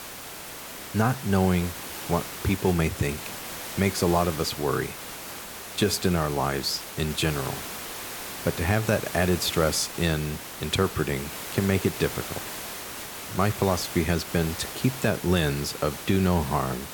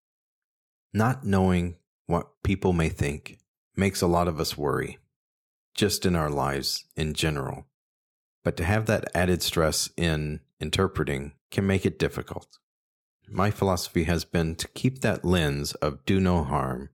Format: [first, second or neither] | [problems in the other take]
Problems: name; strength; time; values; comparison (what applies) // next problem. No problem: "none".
second | hiss; loud; throughout; 9 dB below the speech